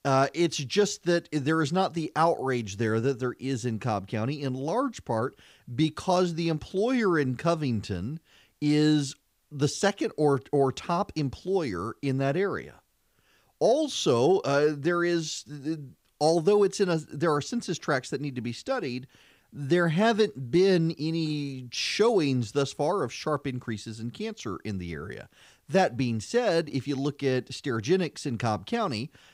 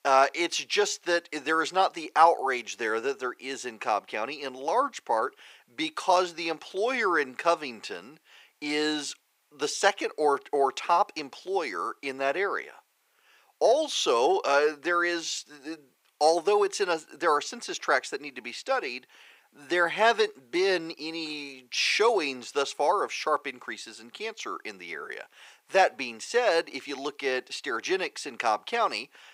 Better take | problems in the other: first | thin; very; fading below 450 Hz

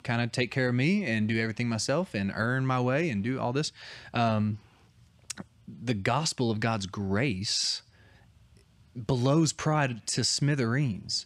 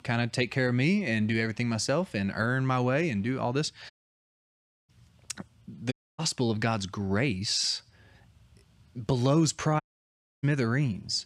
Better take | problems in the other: first | audio cutting out; at 4 s for 1 s, at 6 s and at 10 s for 0.5 s

